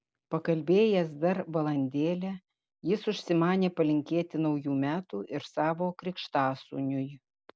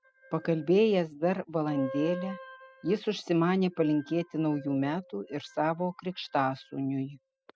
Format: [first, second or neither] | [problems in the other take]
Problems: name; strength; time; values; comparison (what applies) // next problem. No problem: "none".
first | noise reduction (classical method spectral subtraction)